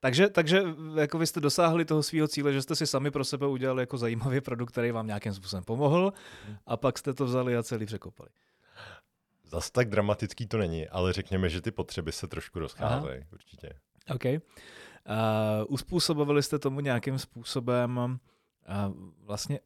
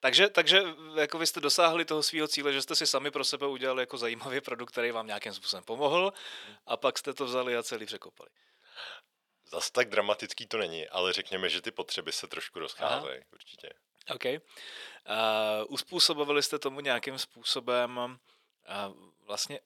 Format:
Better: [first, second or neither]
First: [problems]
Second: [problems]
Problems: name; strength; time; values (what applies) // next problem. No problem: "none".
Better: first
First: none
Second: thin; somewhat; fading below 450 Hz